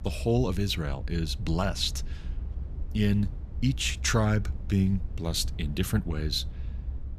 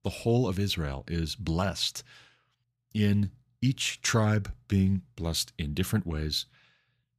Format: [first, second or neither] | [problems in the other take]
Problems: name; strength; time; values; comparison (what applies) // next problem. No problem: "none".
second | low rumble; faint; throughout; 20 dB below the speech